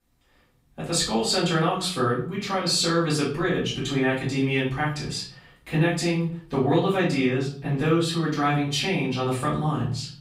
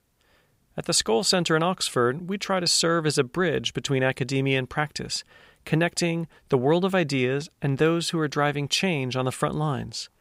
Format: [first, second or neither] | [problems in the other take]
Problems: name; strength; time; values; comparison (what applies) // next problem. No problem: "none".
second | off-mic speech; far // room echo; noticeable; dies away in 0.4 s